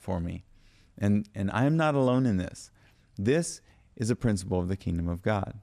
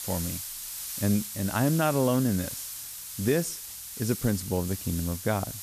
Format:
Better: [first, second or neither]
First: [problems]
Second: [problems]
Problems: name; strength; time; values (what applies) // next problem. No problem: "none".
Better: first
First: none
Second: hiss; loud; throughout; 7 dB below the speech